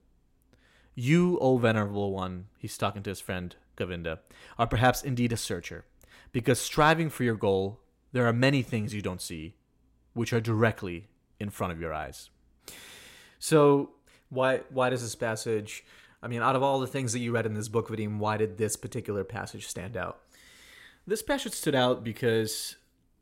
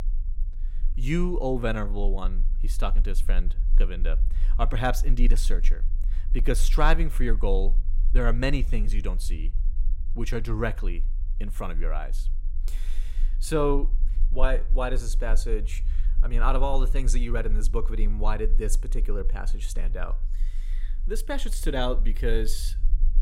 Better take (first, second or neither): first